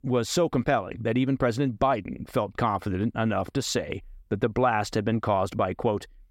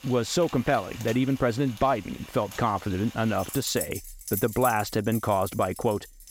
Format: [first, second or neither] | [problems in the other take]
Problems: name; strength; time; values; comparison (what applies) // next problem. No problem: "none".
first | household noises; noticeable; throughout; 10 dB below the speech